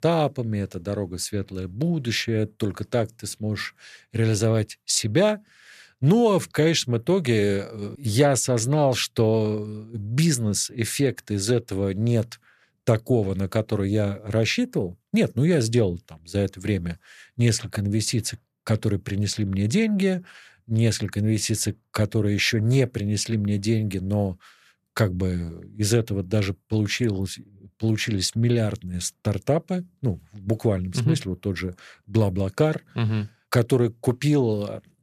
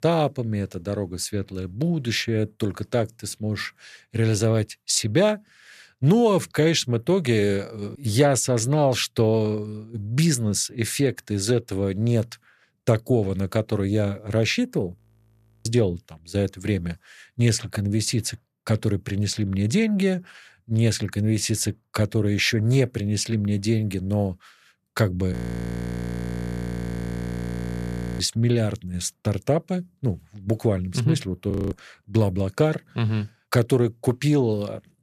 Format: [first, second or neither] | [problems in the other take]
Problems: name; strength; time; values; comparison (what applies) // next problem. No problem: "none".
first | audio freezing; at 15 s for 0.5 s, at 25 s for 3 s and at 32 s